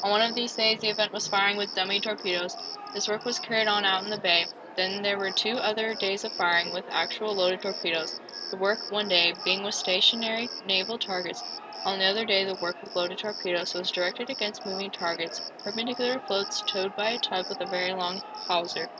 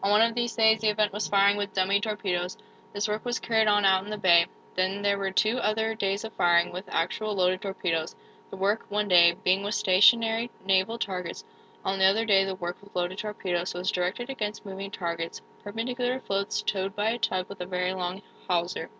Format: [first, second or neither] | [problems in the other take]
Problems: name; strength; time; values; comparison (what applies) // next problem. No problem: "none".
second | background sound (Cricket); 10 dB below the speech